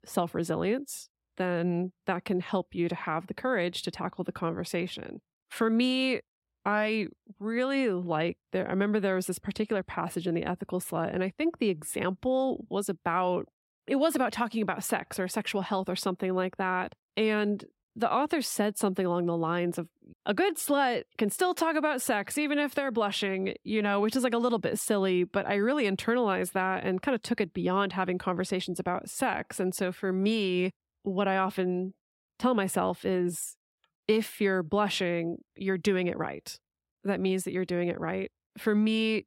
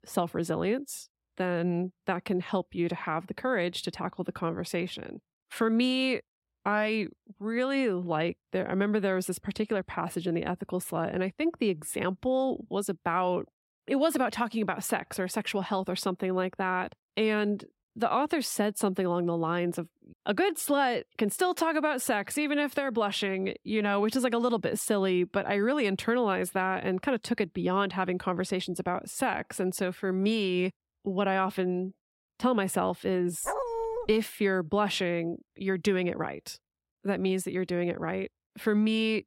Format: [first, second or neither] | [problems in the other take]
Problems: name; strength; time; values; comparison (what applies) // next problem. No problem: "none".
first | dog barking; noticeable; at 33 s; peak 2 dB below the speech